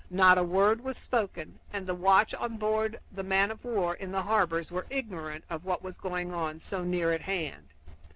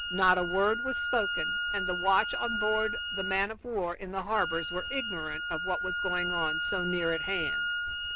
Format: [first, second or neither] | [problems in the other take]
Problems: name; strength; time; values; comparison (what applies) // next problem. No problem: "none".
first | background sound (Wind instrument, woodwind instrument); 2 dB below the speech